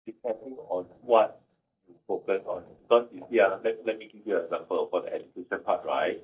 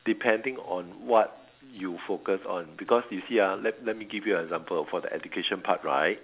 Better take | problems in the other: second | noise reduction (neural mask model DeepFilterNet 3)

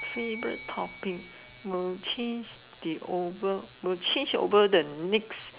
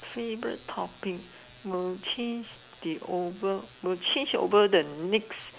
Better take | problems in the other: second | background sound (Bell); 18 dB below the speech

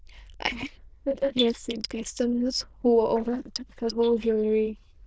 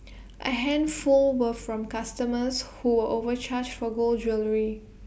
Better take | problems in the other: second | noise reduction (neural diffusion model UNIVERSE++)

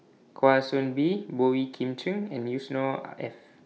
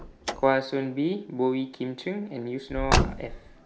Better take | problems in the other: first | background sound (Car); 2 dB below the speech

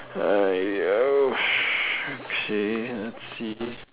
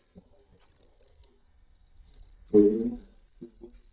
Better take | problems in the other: first | noise reduction (neural mask model DeepFilterNet 3)

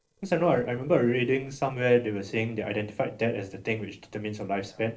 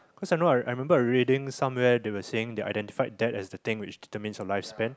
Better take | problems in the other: second | noise reduction (neural separator model SepFormer DNS4)

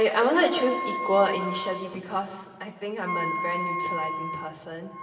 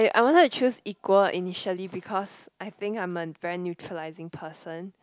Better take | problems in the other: second | background sound (Wind instrument, woodwind instrument); 6 dB below the speech // room echo; dies away in 2 s

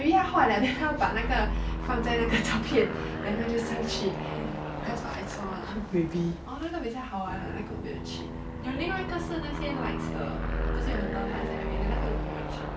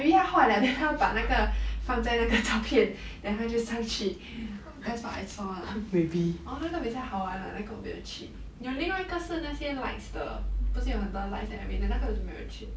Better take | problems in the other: second | background sound (Aircraft); 5 dB below the speech

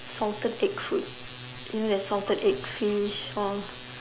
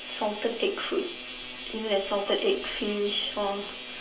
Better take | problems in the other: first | room echo; dies away in 0.3 s

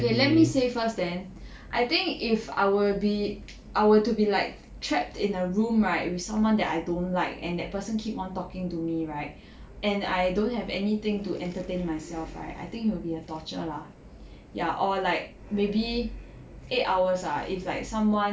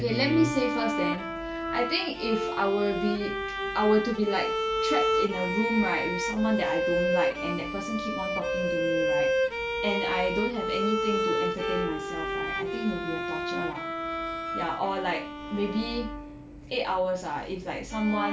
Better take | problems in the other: first | background sound (Bowed string instrument); as loud as the speech

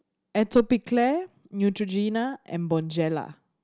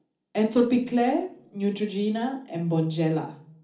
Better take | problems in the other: first | room echo; dies away in 0.4 s

